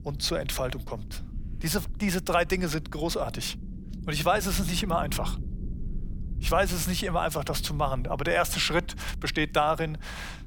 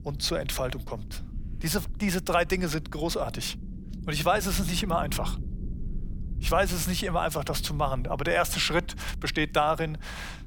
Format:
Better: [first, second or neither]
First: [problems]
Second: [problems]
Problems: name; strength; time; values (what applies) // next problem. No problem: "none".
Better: neither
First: low rumble; faint; throughout; 20 dB below the speech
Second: low rumble; faint; throughout; 20 dB below the speech